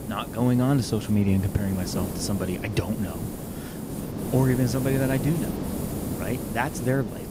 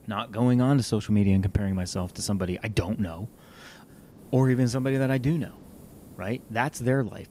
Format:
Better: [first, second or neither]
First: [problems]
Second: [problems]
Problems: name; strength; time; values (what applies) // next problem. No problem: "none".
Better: second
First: hiss; loud; throughout; 6 dB below the speech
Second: hiss; faint; throughout; 25 dB below the speech